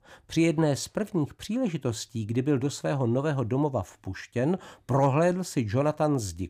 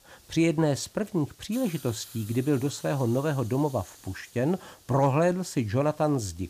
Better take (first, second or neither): first